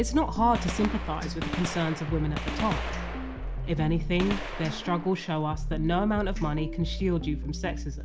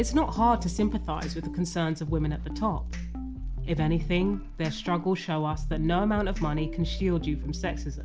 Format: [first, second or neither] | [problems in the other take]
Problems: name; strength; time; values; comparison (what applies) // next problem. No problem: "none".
second | background sound (Gunshot, gunfire); 11 dB below the speech